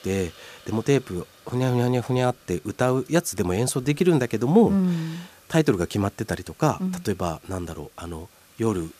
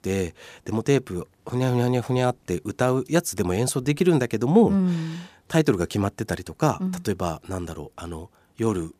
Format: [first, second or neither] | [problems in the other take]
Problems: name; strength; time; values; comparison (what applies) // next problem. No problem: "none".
second | hiss; faint; throughout; 25 dB below the speech